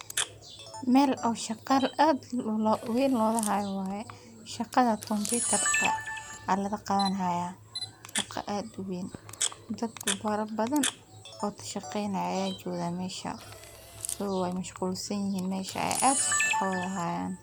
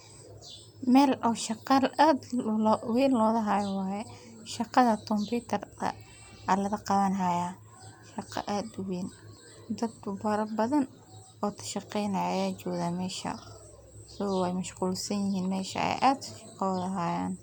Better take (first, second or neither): second